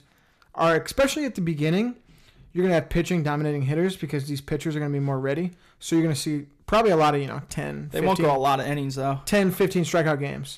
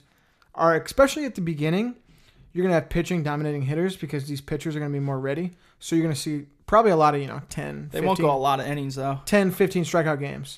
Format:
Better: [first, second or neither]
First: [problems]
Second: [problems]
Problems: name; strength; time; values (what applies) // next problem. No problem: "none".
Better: second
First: distortion; slight; 4% of the sound clipped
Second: none